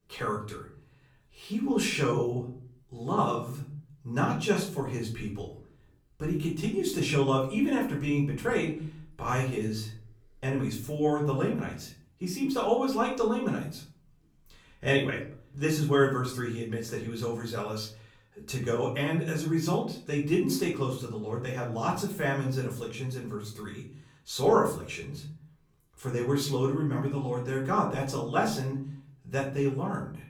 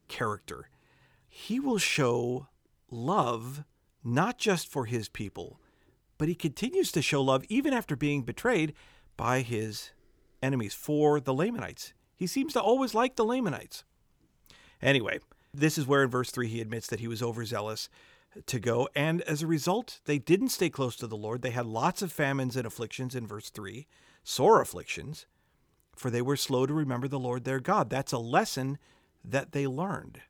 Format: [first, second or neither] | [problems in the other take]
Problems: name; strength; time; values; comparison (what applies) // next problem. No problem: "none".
second | room echo; slight; dies away in 0.5 s // off-mic speech; far